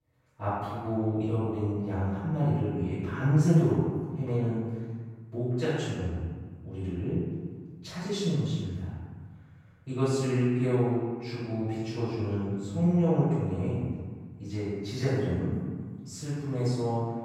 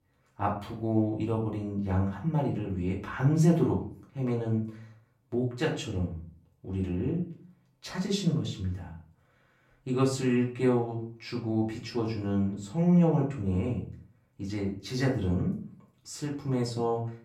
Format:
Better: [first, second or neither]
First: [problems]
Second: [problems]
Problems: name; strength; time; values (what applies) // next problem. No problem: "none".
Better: second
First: room echo; strong; dies away in 1.5 s // off-mic speech; far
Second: room echo; slight; dies away in 0.4 s // off-mic speech; far